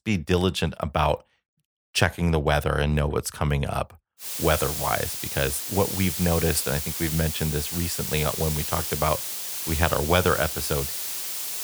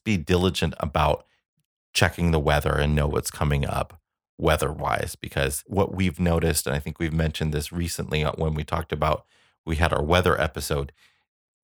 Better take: second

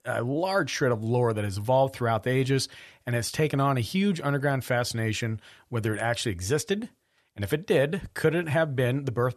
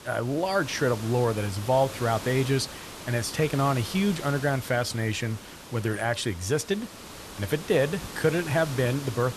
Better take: first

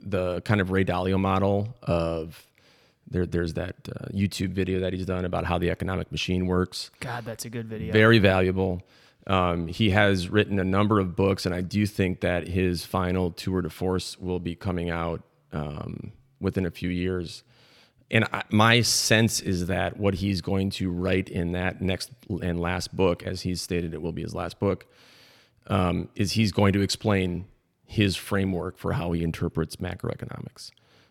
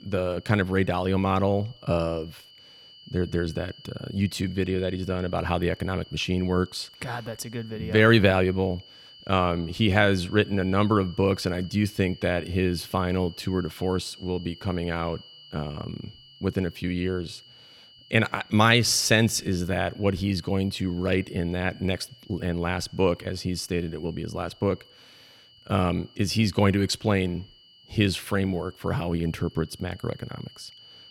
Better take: first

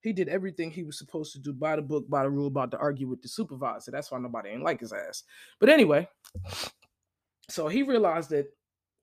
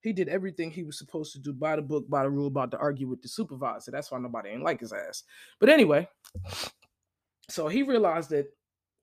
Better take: neither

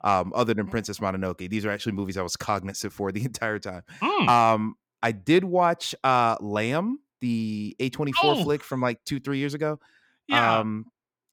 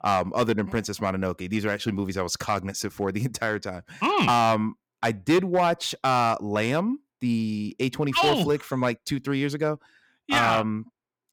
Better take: first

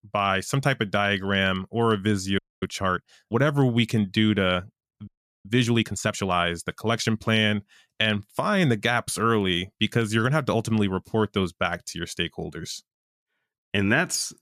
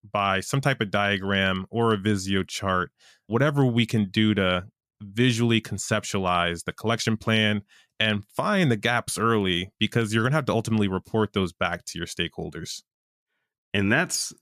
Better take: second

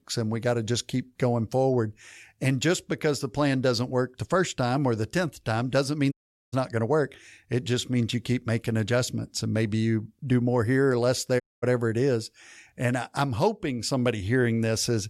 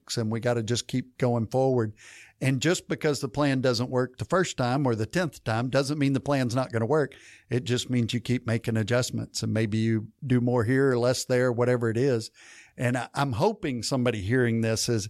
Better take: second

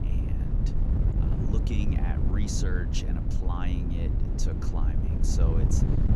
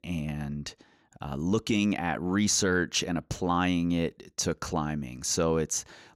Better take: second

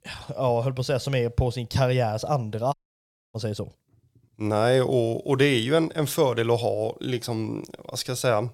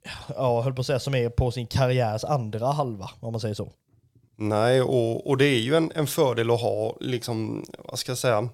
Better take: second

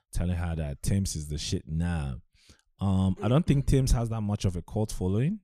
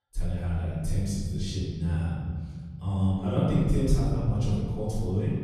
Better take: first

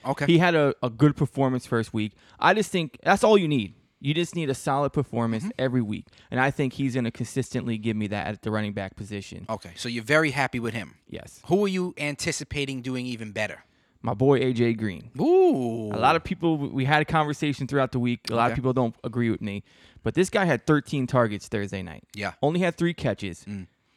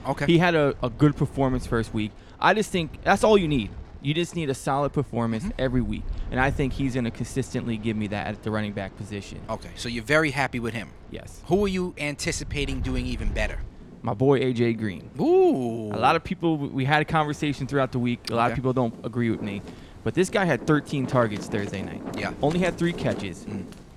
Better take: first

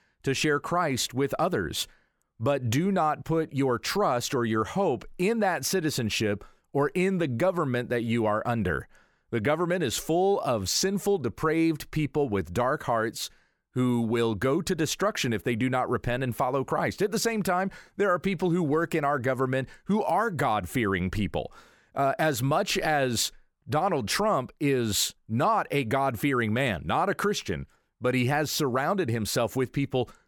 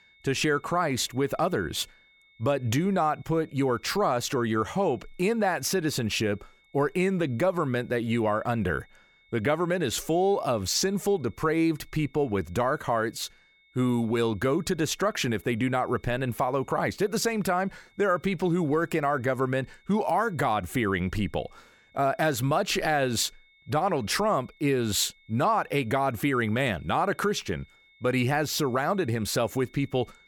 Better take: first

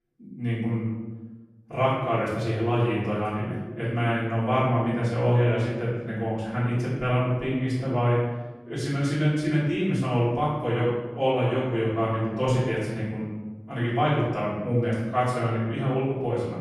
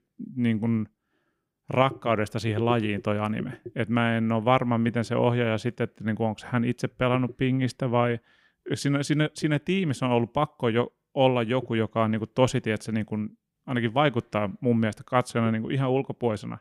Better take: second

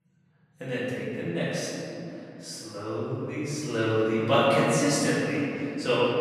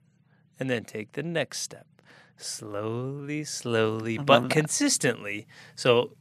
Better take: second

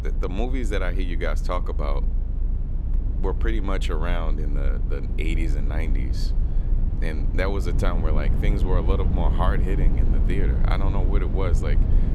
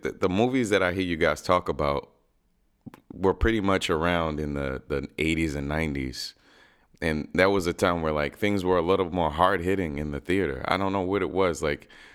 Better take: second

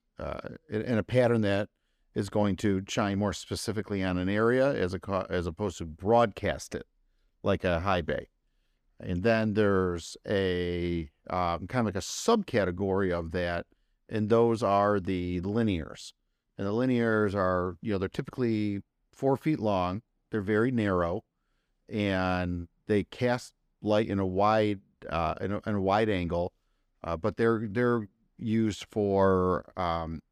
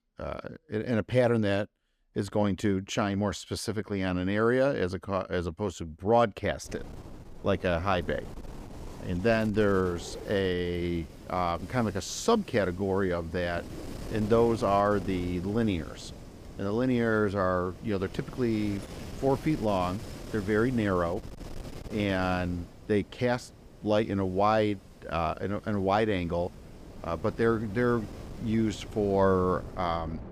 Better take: first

